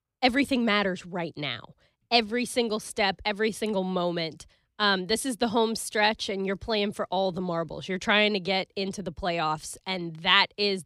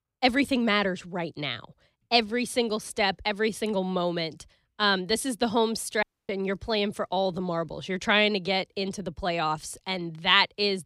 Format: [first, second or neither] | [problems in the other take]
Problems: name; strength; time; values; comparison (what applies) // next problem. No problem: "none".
first | audio cutting out; at 6 s